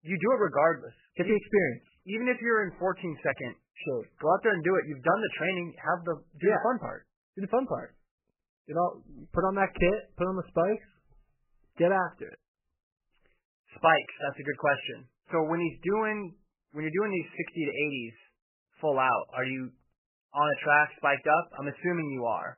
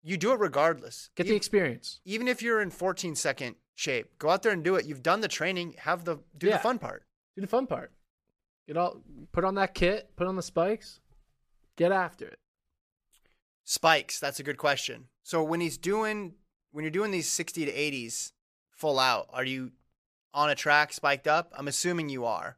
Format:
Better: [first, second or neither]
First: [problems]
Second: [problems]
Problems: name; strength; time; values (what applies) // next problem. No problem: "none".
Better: second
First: garbled, watery; badly; nothing above 3 kHz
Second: none